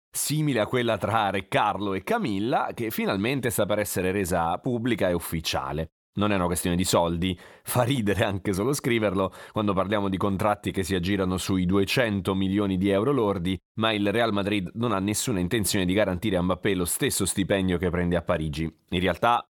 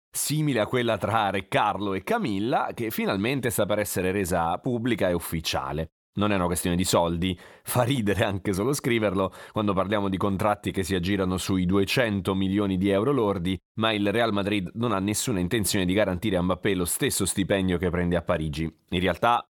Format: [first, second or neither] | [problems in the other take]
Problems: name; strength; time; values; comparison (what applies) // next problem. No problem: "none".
neither | none